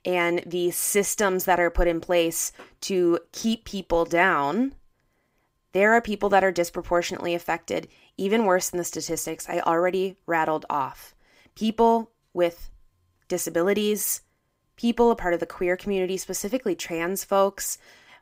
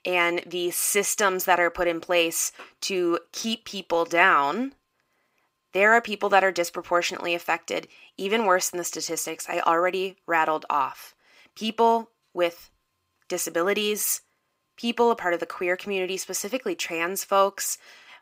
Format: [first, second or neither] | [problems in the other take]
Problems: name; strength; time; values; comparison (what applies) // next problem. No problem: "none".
first | thin; very slightly; fading below 750 Hz